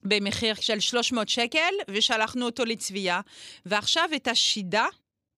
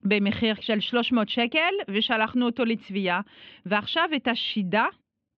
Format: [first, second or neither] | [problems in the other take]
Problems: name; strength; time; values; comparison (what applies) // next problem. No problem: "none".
first | muffled; very; fading above 3 kHz